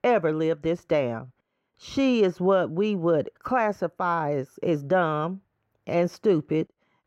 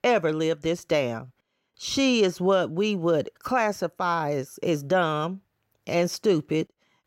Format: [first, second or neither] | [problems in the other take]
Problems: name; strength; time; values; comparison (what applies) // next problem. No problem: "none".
second | muffled; slightly; fading above 3 kHz